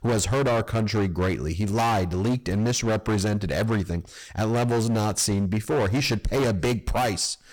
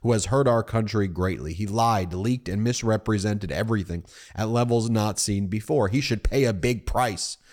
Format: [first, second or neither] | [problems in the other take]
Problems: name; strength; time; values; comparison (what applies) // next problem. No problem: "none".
second | distortion; heavy; 23% of the sound clipped